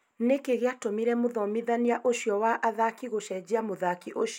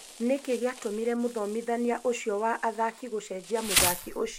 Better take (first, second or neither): first